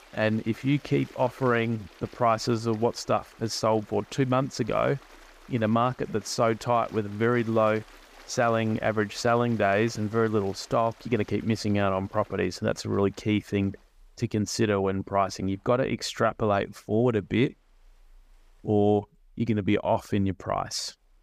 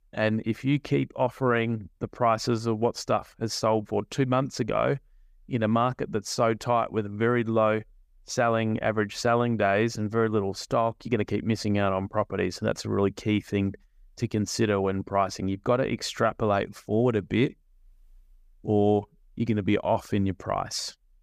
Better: second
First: rain or running water; faint; throughout; 25 dB below the speech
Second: none

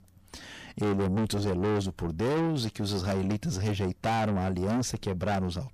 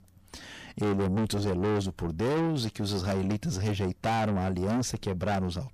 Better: neither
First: distortion; heavy; 6 dB below the speech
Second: distortion; heavy; 6 dB below the speech

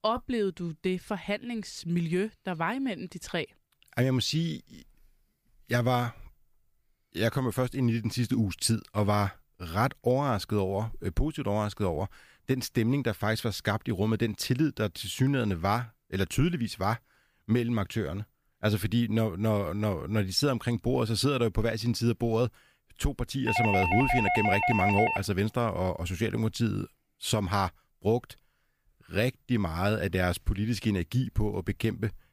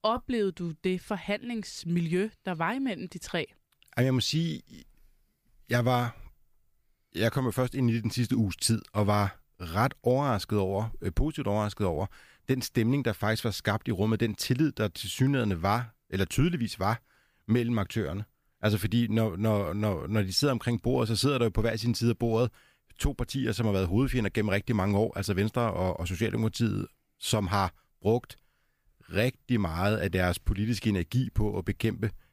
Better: second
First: doorbell; loud; from 23 to 25 s; peak 3 dB above the speech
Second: none

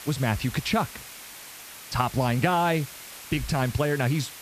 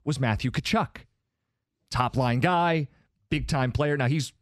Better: second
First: hiss; noticeable; throughout; 15 dB below the speech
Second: none

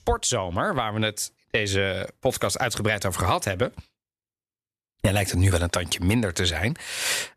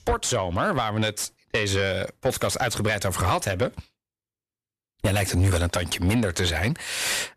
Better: first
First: none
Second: distortion; slight; 10 dB below the speech

